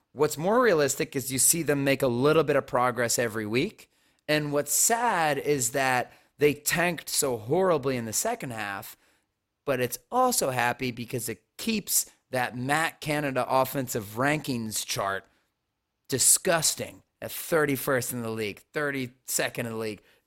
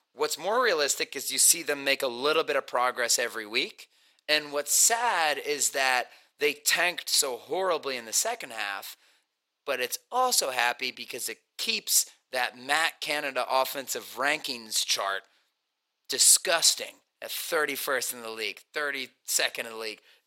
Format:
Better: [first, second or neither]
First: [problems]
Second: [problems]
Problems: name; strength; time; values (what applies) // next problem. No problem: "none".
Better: first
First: none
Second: thin; somewhat; fading below 500 Hz